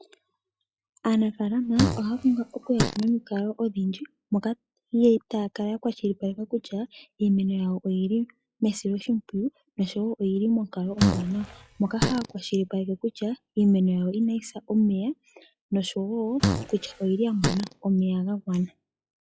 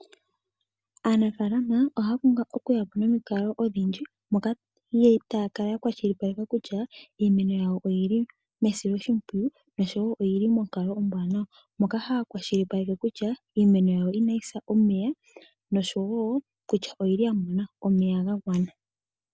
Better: second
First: noise reduction (classical method log-MMSE)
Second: none

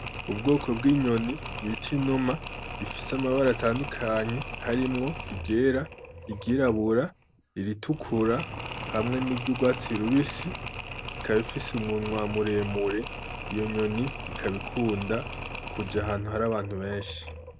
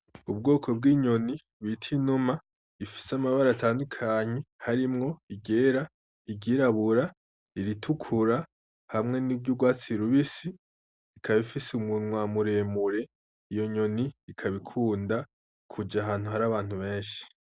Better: second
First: background sound (Mechanisms); 9 dB below the speech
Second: none

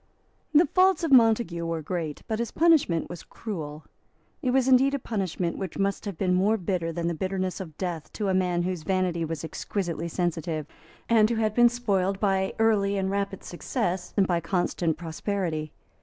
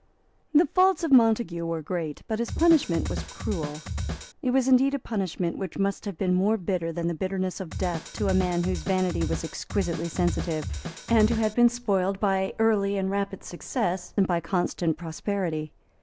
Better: first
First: none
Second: background sound (Drum kit); 6 dB below the speech

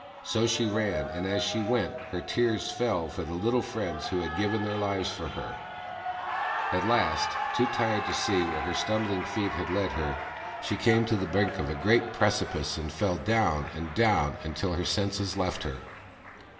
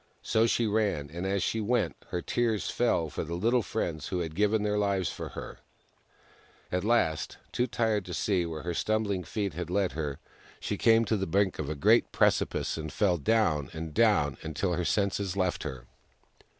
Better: second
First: background sound (Cheering); 7 dB below the speech // room echo; dies away in 1.9 s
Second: none

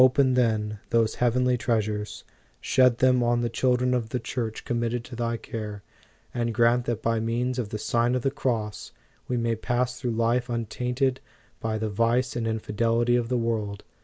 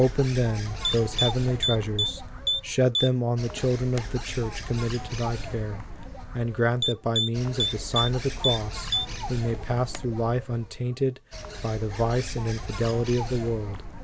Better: first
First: none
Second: background sound (Typing + Bird); 5 dB below the speech

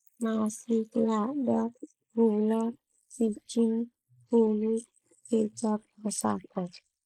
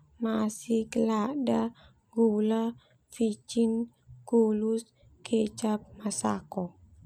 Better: second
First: noise reduction (neural mask model Resemble Enhance denoiser)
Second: none

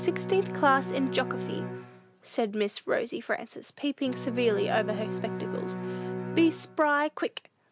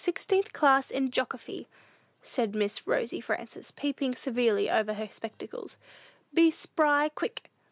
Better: second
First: background sound (Bowed string instrument); 7 dB below the speech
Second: none

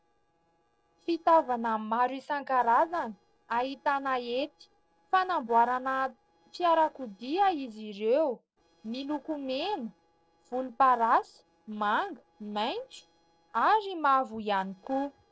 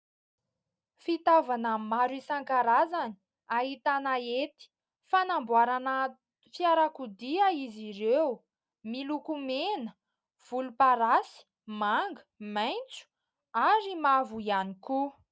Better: second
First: noise reduction (neural separator model SepFormer DNS4)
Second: none

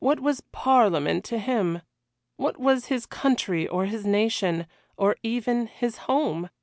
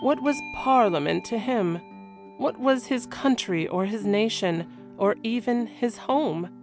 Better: first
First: none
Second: background sound (Guitar + Bell / Doorbell); 16 dB below the speech

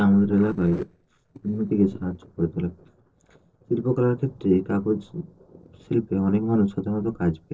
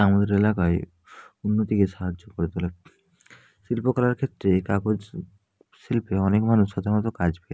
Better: second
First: noise reduction (neural separator model SepFormer DNS4)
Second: none

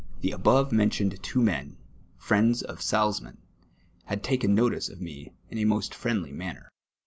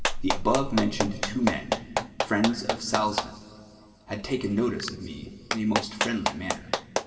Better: first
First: none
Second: background sound (Clapping); 3 dB below the speech // room echo; dies away in 2.3 s

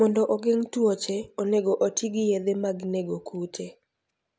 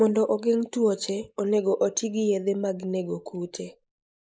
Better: first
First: none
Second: noise reduction (neural mask model Resemble Enhance denoiser)

